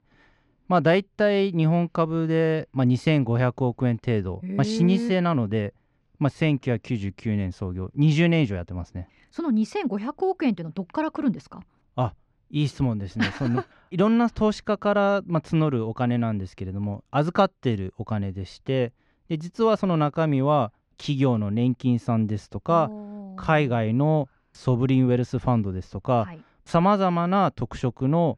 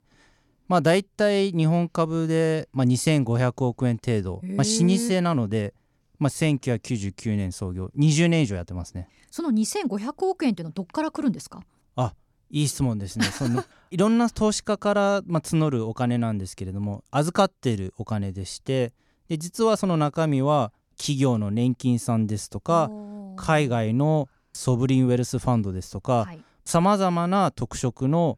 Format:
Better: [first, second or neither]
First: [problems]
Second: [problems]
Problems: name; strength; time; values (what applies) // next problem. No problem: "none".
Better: second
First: muffled; slightly; fading above 2.5 kHz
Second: none